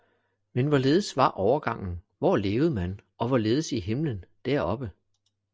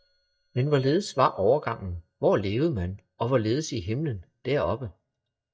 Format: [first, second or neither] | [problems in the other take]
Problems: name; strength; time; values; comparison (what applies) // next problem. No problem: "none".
first | noise reduction (neural mask model DeepFilterNet 3)